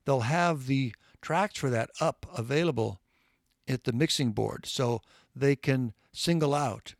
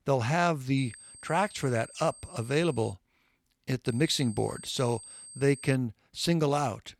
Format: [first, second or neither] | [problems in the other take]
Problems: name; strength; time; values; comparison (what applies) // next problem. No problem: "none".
first | high-pitched whine; noticeable; from 1 to 3 s and from 4 to 6 s; 8.5 kHz, 15 dB below the speech